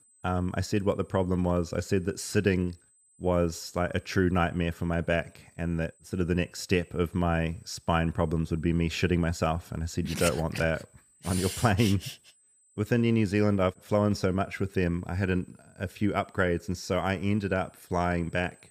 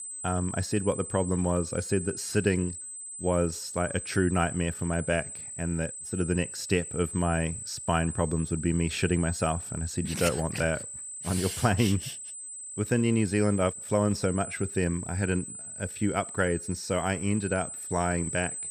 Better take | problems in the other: first | high-pitched whine; loud; throughout; 8 kHz, 8 dB below the speech; faint in the first

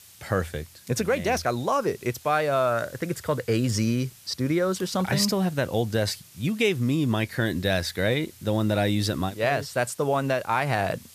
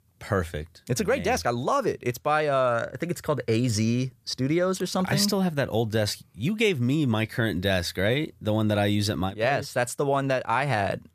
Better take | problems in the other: second | hiss; faint; throughout; 25 dB below the speech

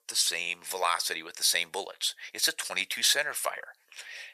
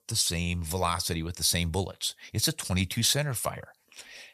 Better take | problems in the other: second | thin; very; fading below 450 Hz

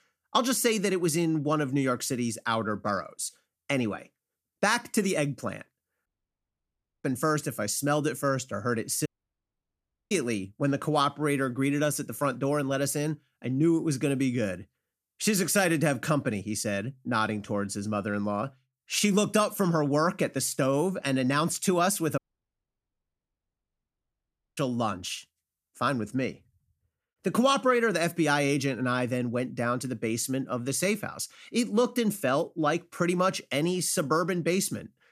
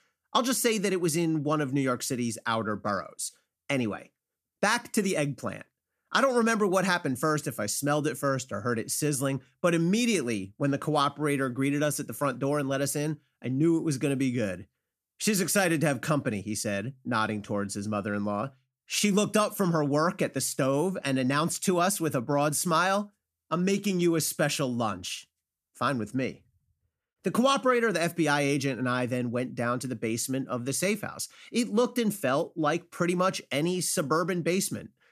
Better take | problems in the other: second | audio cutting out; at 6 s for 1 s, at 9 s for 1 s and at 22 s for 2.5 s

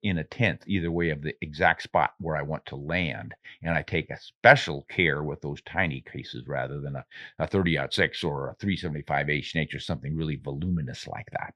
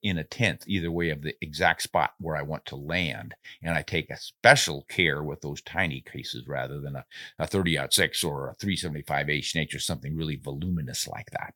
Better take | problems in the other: second | muffled; slightly; fading above 2.5 kHz

